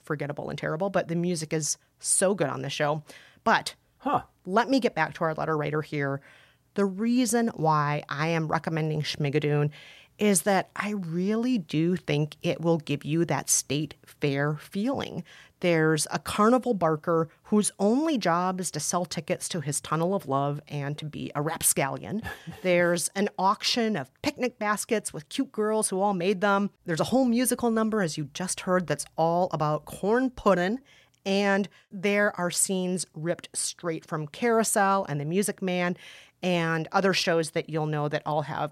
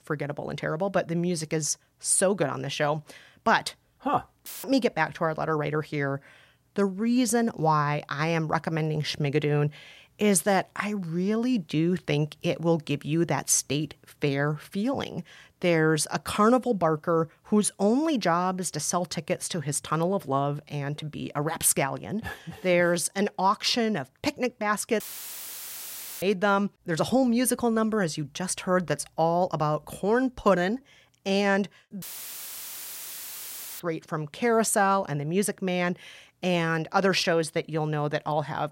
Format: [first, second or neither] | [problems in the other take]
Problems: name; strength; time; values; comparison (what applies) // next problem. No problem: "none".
first | audio cutting out; filled with static; at 4.5 s, at 25 s for 1 s and at 32 s for 2 s